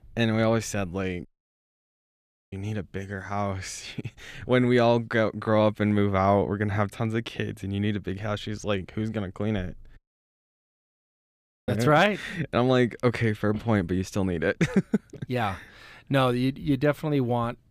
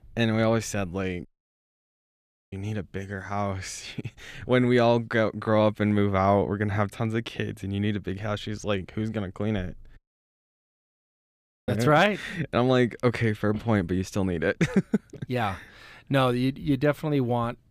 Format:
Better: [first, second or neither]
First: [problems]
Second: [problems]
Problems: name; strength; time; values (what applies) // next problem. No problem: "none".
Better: neither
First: audio cutting out; at 1.5 s for 1.5 s and at 10 s for 1.5 s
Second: audio cutting out; at 1.5 s for 1.5 s and at 10 s for 1.5 s